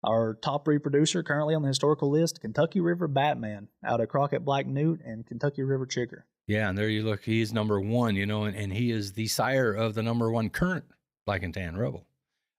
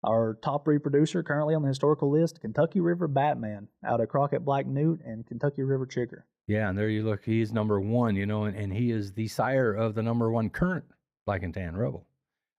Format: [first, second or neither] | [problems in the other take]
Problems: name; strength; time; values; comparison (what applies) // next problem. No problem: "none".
first | muffled; slightly; fading above 2 kHz